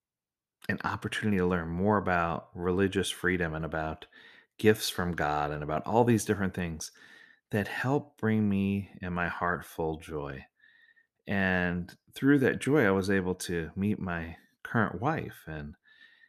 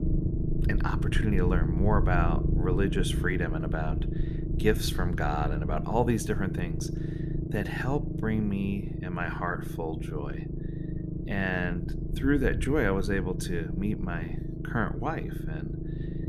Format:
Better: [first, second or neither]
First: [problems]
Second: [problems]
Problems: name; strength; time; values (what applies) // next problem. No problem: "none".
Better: first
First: none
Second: low rumble; loud; throughout; 8 dB below the speech